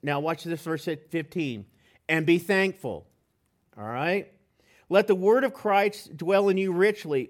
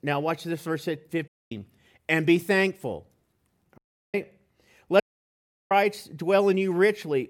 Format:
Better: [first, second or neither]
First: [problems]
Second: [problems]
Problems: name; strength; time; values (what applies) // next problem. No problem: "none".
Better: first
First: none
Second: audio cutting out; at 1.5 s, at 4 s and at 5 s for 0.5 s